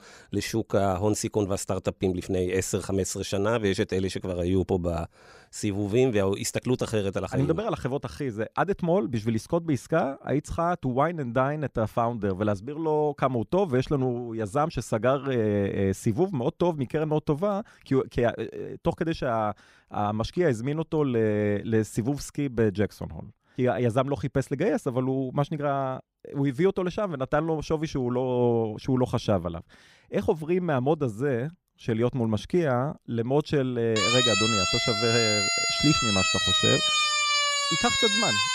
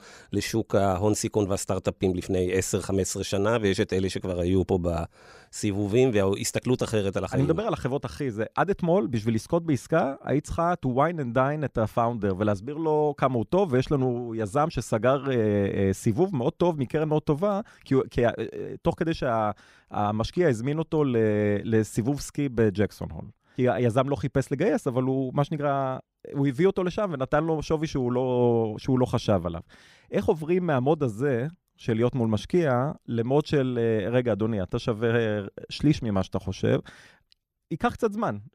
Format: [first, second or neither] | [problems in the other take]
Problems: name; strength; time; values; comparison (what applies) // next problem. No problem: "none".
second | siren; loud; from 34 s on; peak 6 dB above the speech